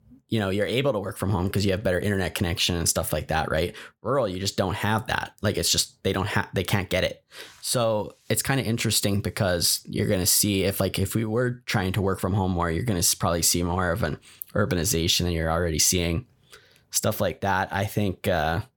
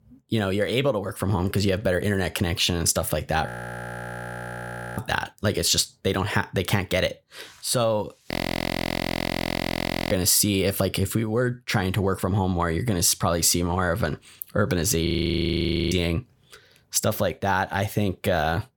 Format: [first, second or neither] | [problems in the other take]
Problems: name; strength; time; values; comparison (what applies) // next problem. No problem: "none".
first | audio freezing; at 3.5 s for 1.5 s, at 8.5 s for 2 s and at 15 s for 1 s